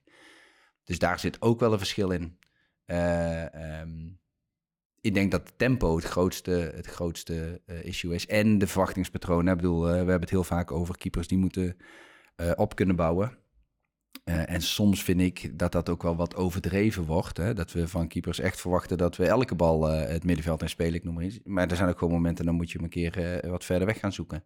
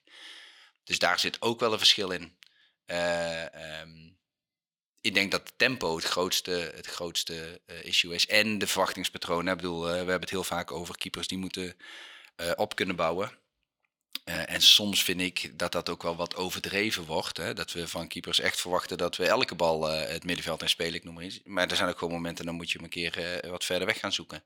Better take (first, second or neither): first